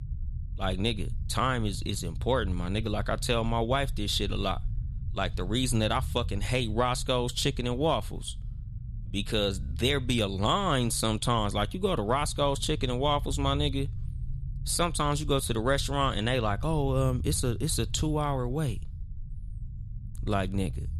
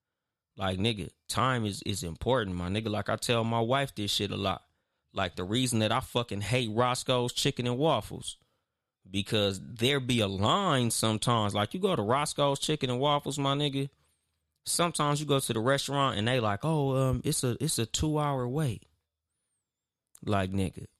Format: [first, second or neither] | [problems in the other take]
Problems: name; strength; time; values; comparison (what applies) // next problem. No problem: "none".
second | low rumble; faint; throughout; 25 dB below the speech